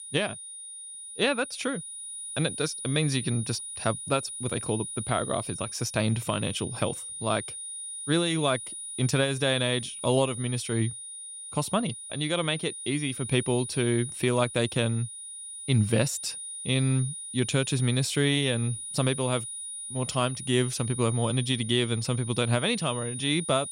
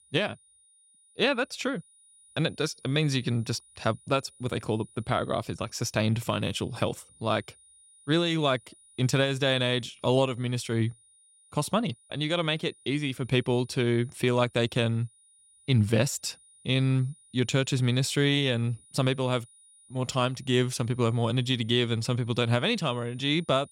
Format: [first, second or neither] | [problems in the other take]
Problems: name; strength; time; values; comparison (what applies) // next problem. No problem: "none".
second | high-pitched whine; loud; throughout; 9.5 kHz, 8 dB below the speech; faint in the second